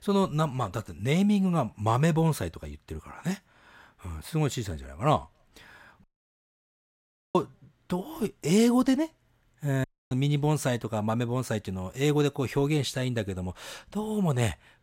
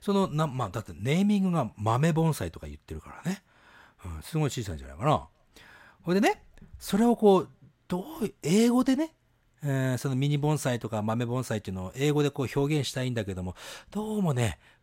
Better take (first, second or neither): second